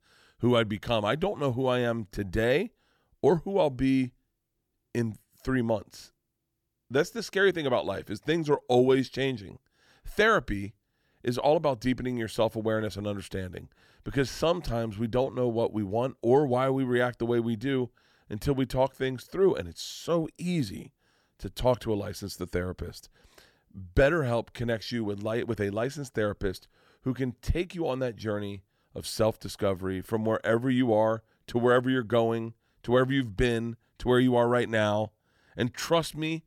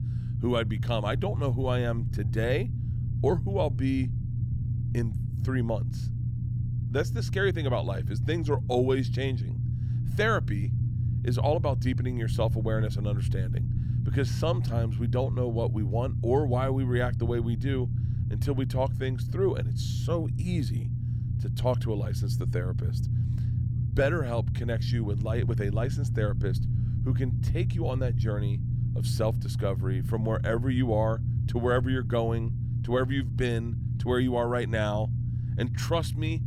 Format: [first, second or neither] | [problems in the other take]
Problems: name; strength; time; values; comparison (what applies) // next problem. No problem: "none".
first | low rumble; noticeable; throughout; 10 dB below the speech